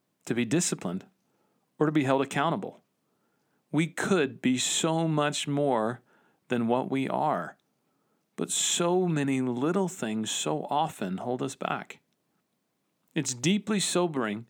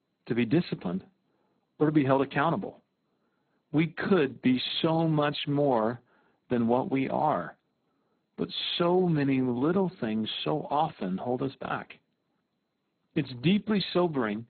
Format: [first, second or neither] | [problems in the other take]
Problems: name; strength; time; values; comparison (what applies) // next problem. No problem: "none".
first | garbled, watery; badly; nothing above 4 kHz